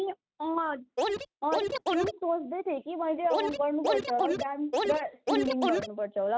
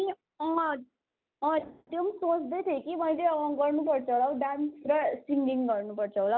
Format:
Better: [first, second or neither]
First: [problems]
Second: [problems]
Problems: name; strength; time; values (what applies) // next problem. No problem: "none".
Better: second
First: noise reduction (neural mask model RNNoise)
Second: none